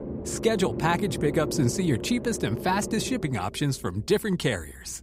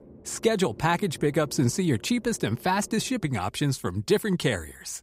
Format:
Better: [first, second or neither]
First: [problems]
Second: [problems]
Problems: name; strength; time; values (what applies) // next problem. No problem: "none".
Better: second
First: low rumble; loud; throughout; 9 dB below the speech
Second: low rumble; faint; throughout; 25 dB below the speech